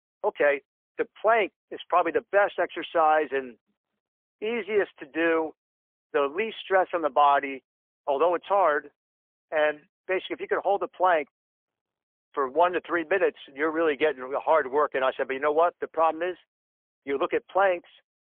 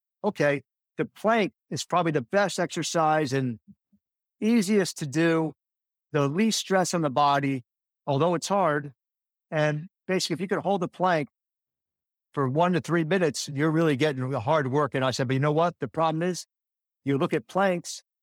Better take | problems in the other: second | phone-call audio; poor line; nothing above 3.5 kHz

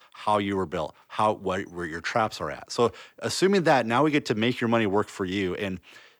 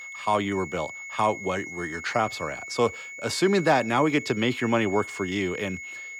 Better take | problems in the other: first | high-pitched whine; noticeable; throughout; 2 kHz, 10 dB below the speech

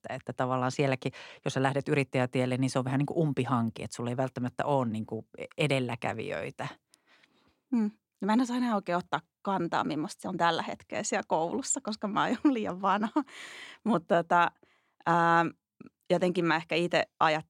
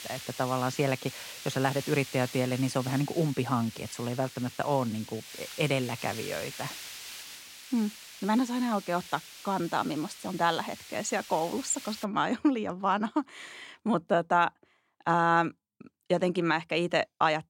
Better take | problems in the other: first | hiss; noticeable; until 12 s; 15 dB below the speech

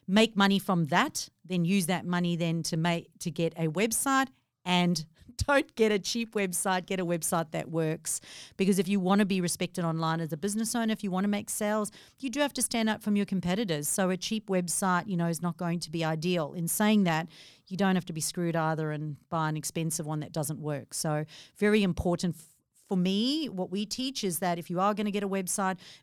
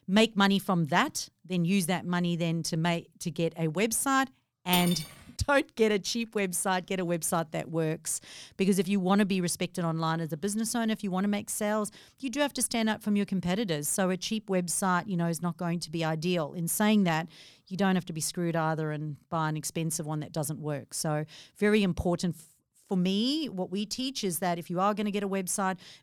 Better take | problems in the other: first | clattering dishes; noticeable; at 4.5 s; peak 3 dB below the speech

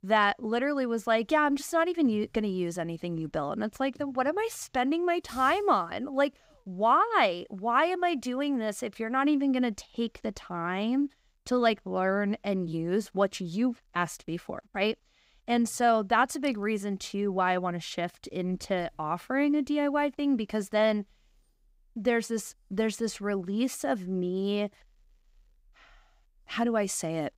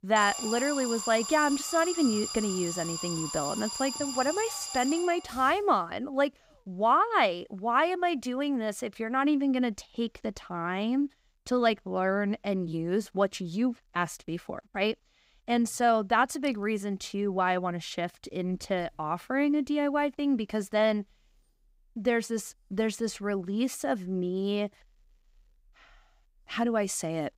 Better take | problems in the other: first | alarm; noticeable; until 5.5 s; peak 4 dB below the speech

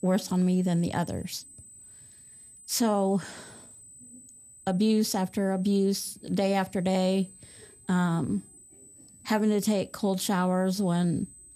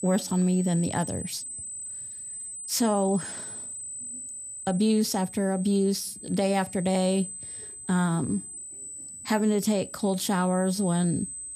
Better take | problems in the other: first | high-pitched whine; loud; throughout; 8 kHz, 10 dB below the speech; faint in the first

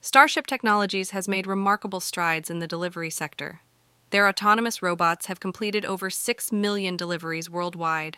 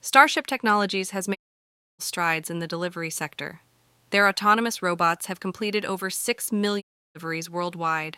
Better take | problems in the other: first | audio cutting out; at 1.5 s for 0.5 s and at 7 s

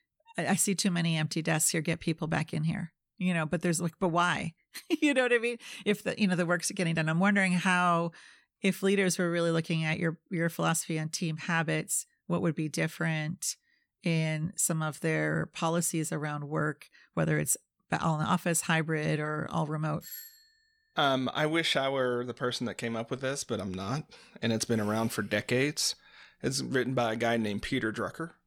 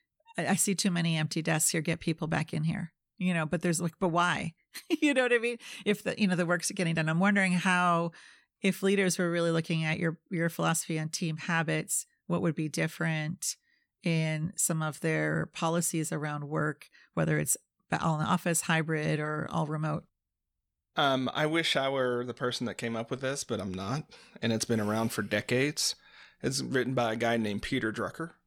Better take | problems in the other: second | doorbell; faint; at 20 s; peak 15 dB below the speech

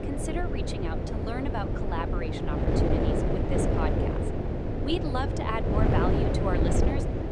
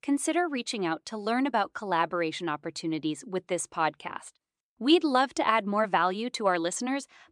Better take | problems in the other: second | wind noise on the microphone; heavy; 2 dB above the speech

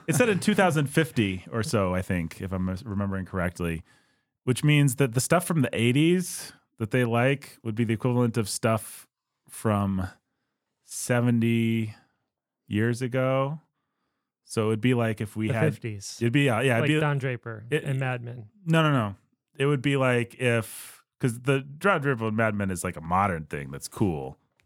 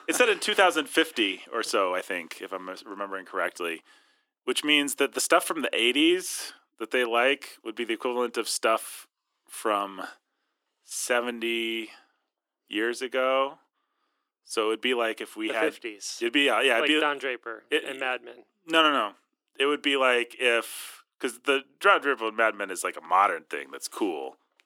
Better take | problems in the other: first | thin; very; fading below 300 Hz

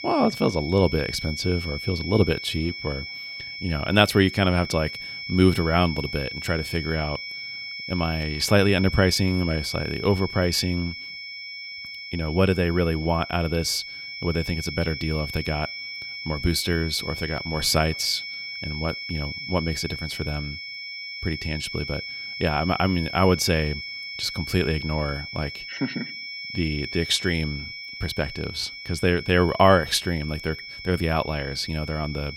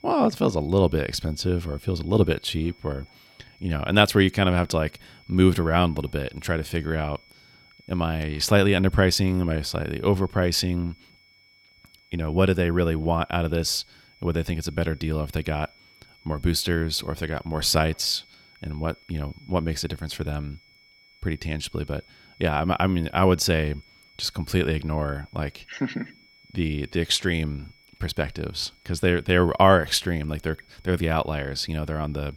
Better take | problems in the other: second | high-pitched whine; loud; throughout; 2 kHz, 8 dB below the speech; faint in the second

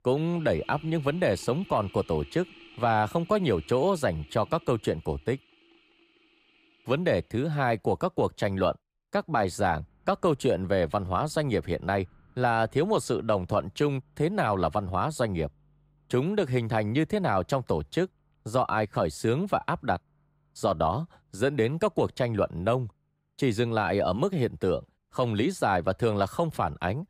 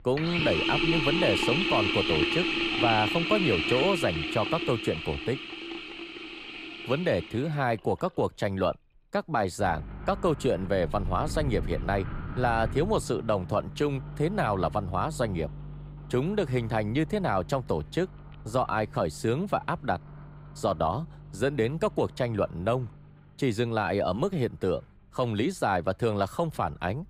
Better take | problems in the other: first | household noises; loud; throughout; 2 dB below the speech; faint in the first

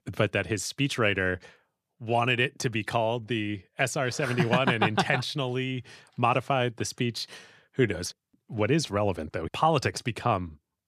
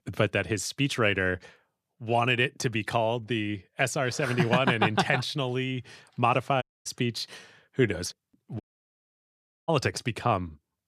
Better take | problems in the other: first | audio cutting out; at 6.5 s and at 8.5 s for 1 s

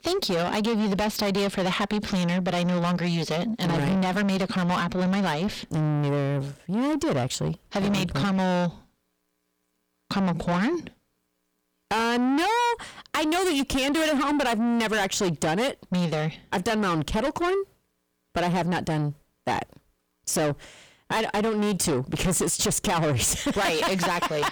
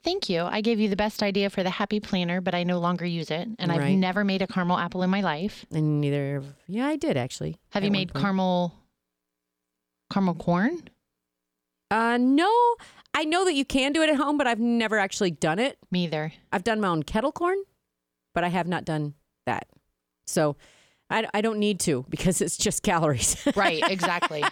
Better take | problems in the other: second | distortion; heavy; 6 dB below the speech

